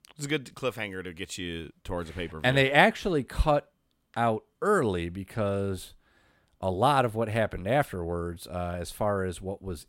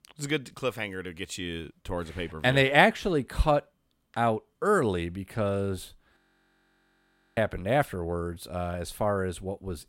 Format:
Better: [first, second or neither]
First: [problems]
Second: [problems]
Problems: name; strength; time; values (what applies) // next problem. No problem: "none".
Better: first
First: none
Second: audio freezing; at 6 s for 1 s